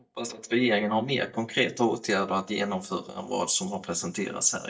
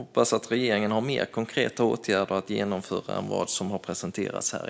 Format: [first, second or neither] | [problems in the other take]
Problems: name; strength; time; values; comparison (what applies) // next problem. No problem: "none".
second | noise reduction (neural mask model DeepFilterNet 3)